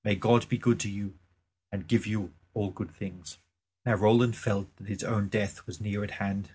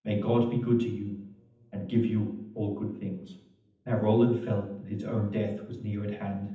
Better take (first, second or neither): first